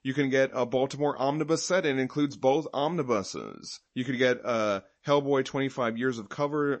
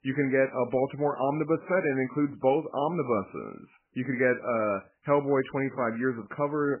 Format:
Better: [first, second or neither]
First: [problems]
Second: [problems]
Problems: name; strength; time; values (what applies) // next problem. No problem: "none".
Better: first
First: garbled, watery; slightly; nothing above 7 kHz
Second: garbled, watery; badly; nothing above 2.5 kHz